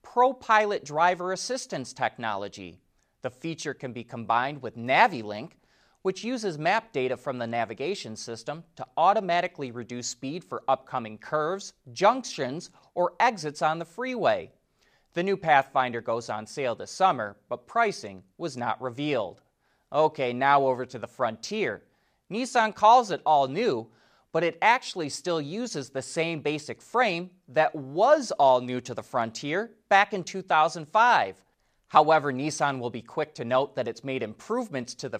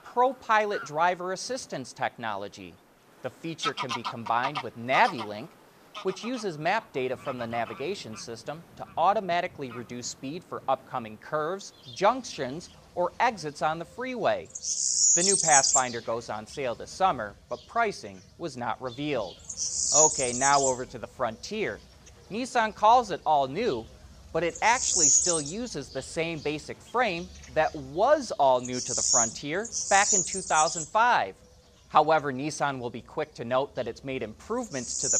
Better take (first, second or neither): first